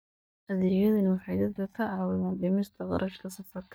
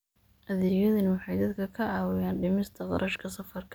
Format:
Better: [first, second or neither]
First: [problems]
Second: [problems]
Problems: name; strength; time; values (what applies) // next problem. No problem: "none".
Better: second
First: noise reduction (neural mask model DeepFilterNet 3)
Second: none